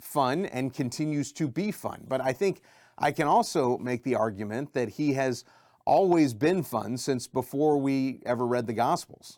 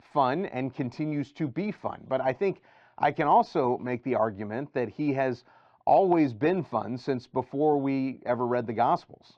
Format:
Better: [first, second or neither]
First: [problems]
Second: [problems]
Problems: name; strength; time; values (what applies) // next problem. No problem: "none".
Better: first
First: none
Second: muffled; slightly; fading above 3.5 kHz